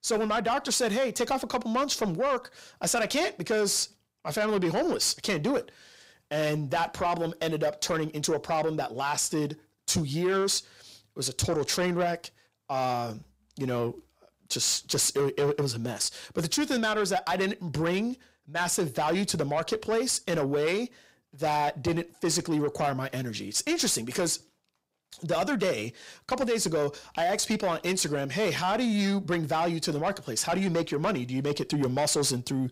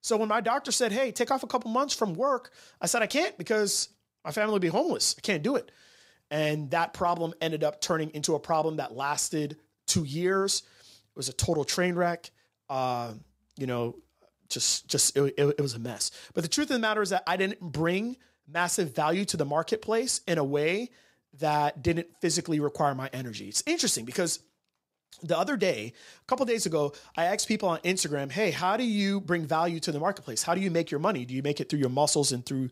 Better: second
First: distortion; slight; 10 dB below the speech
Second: none

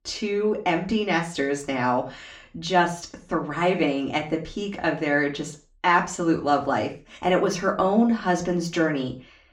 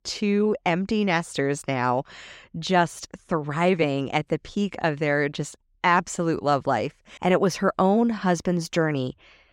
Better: second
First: room echo; very slight; dies away in 0.3 s // off-mic speech; somewhat distant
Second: none

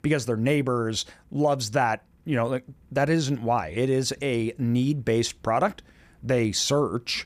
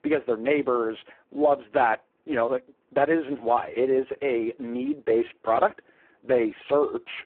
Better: first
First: none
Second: phone-call audio; poor line

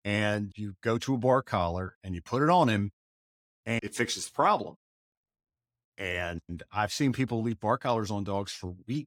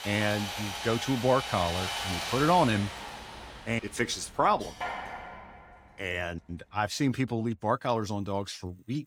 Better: first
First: none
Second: machinery noise; loud; throughout; 6 dB below the speech

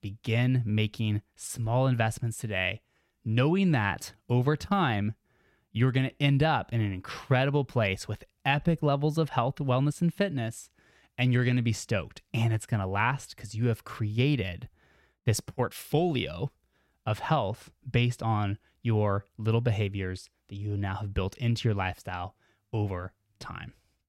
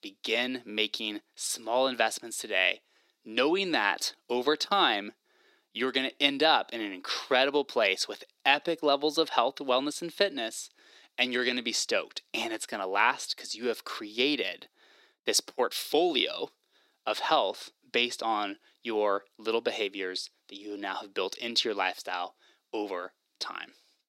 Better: first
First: none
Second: thin; very; fading below 300 Hz

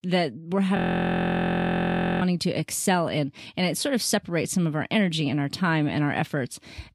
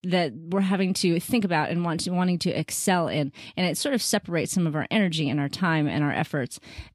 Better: second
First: audio freezing; at 1 s for 1.5 s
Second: none

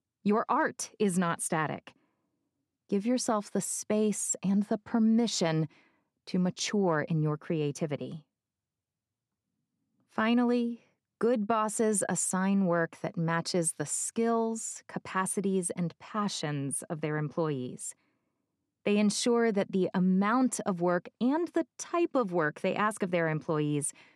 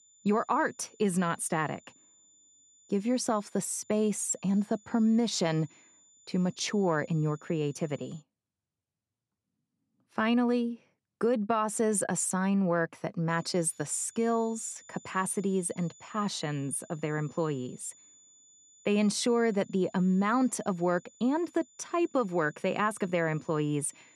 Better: first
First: none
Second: high-pitched whine; faint; until 8 s and from 13 s on; 7 kHz, 25 dB below the speech

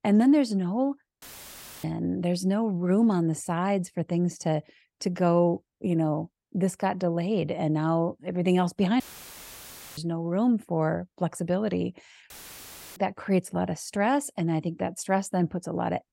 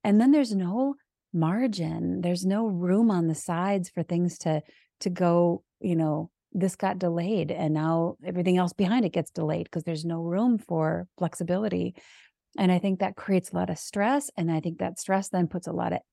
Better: second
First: audio cutting out; filled with static; at 1 s for 0.5 s, at 9 s for 1 s and at 12 s for 0.5 s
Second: none

